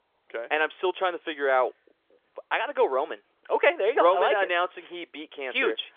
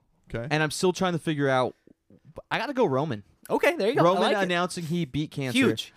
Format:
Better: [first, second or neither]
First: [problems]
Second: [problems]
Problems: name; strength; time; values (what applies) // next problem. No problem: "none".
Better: second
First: phone-call audio; nothing above 3.5 kHz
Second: none